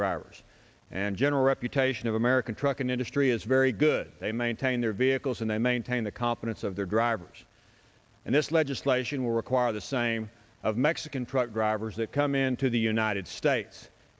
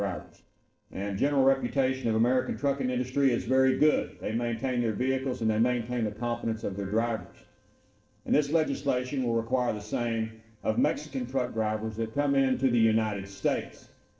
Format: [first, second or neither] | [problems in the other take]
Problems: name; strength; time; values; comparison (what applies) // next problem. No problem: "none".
first | noise reduction (neural separator model SepFormer DNS4)